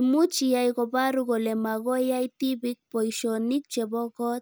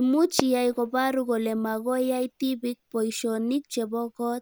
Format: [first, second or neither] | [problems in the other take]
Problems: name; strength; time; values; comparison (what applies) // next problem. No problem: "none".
first | background sound (Fireworks); 15 dB below the speech